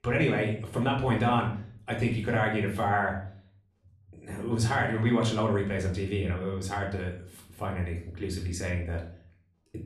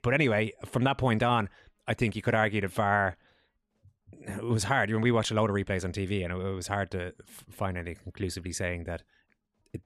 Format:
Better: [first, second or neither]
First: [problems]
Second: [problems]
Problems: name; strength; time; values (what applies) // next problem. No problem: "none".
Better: second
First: room echo; slight; dies away in 0.5 s // off-mic speech; far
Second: none